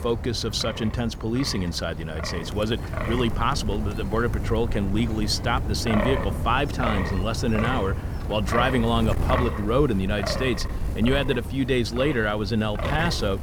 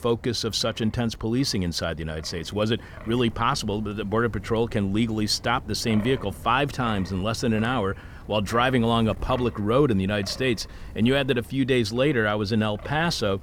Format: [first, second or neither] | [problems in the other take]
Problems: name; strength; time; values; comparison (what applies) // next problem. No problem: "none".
second | wind noise on the microphone; heavy; 6 dB below the speech; occasional gusts in the second